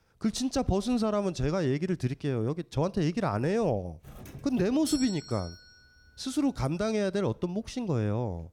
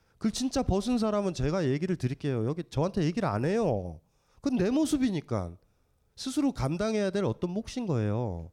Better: second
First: doorbell; noticeable; from 4 to 5.5 s; peak 7 dB below the speech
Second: none

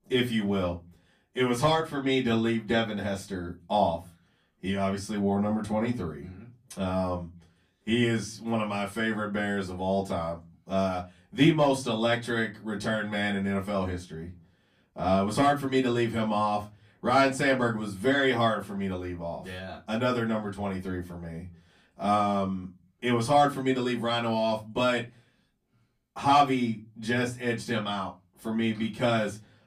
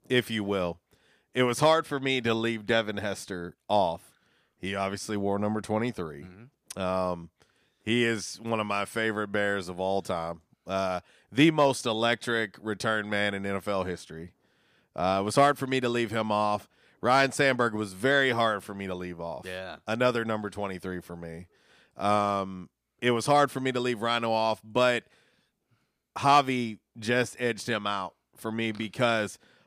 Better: second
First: off-mic speech; far // room echo; very slight; dies away in 0.2 s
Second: none

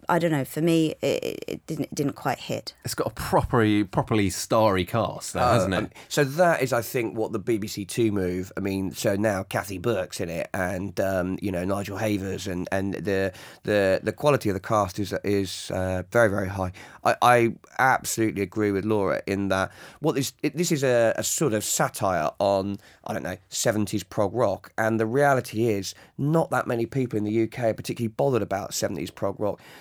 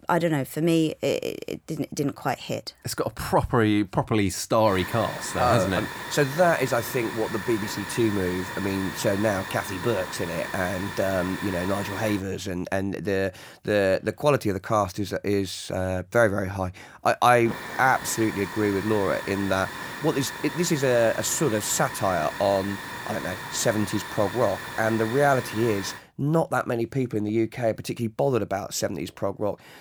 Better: first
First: none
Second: hiss; loud; from 4.5 to 12 s and from 17 to 26 s; 9 dB below the speech

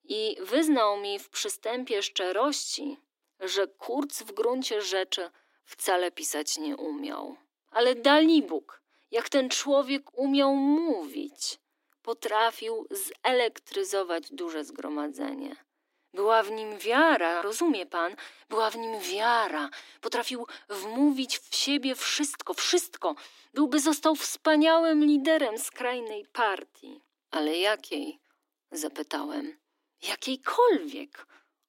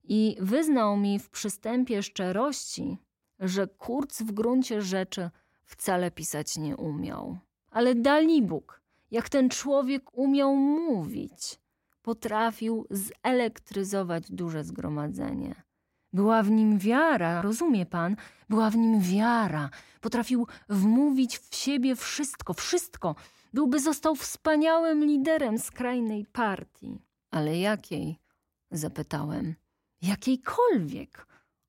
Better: second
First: thin; very slightly; fading below 300 Hz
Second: none

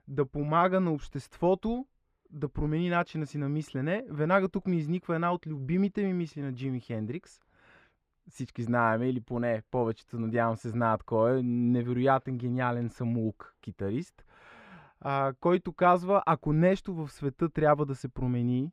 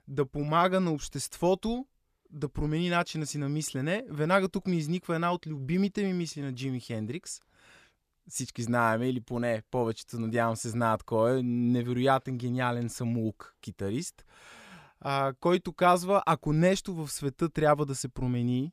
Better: second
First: muffled; very; fading above 4 kHz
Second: none

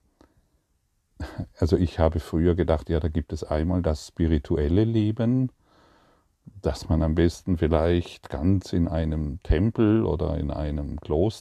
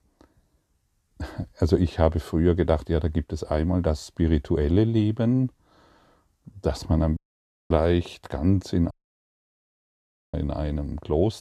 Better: first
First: none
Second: audio cutting out; at 7 s for 0.5 s and at 9 s for 1.5 s

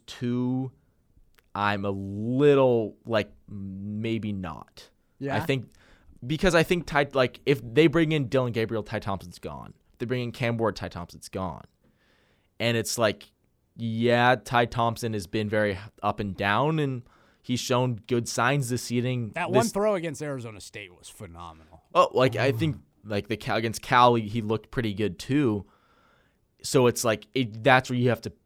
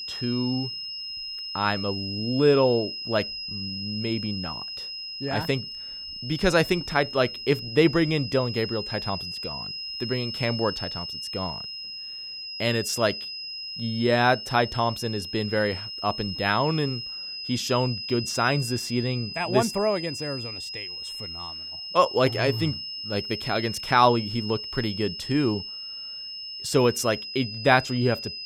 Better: first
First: none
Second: high-pitched whine; loud; throughout; 5 kHz, 7 dB below the speech

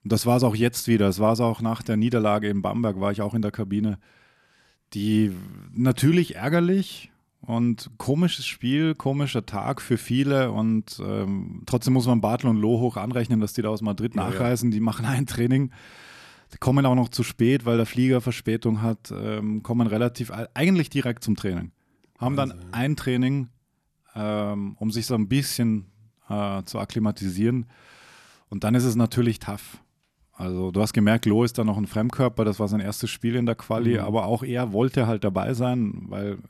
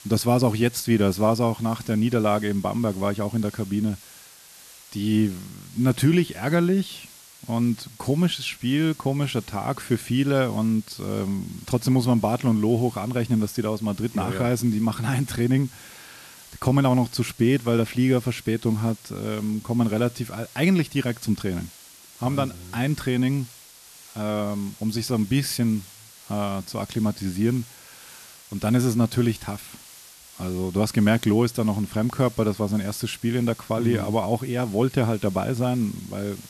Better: first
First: none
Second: hiss; faint; throughout; 20 dB below the speech

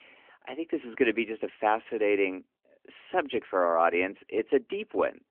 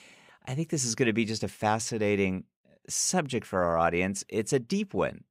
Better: second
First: phone-call audio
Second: none

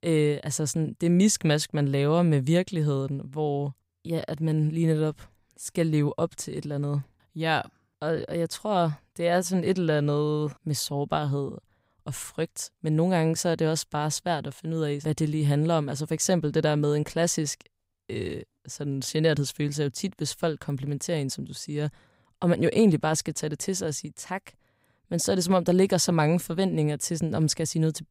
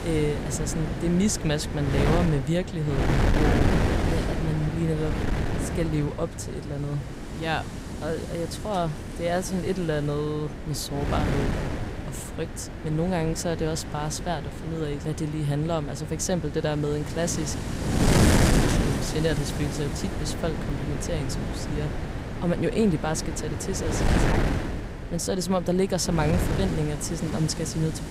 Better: first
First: none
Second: wind noise on the microphone; heavy; 2 dB below the speech

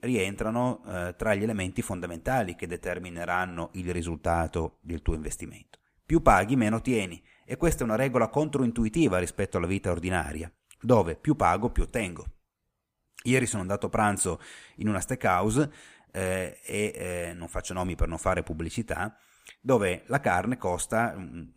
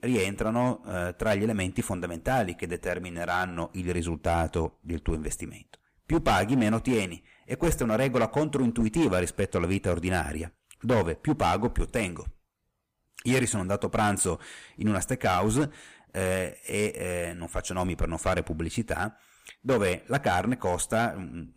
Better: first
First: none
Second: distortion; slight; 5% of the sound clipped

